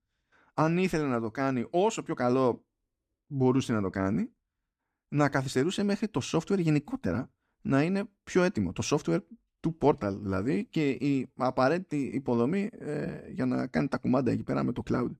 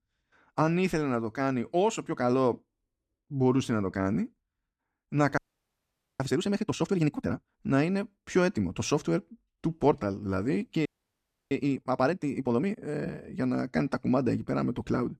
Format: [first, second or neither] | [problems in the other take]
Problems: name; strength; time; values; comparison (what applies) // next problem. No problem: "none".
first | audio freezing; at 5.5 s for 1 s and at 11 s for 0.5 s